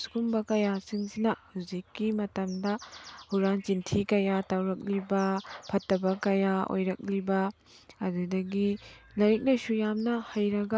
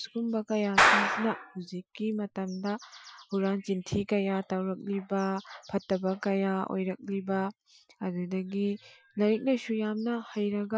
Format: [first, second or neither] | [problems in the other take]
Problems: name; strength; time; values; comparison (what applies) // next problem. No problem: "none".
first | noise reduction (classical method Wiener filter)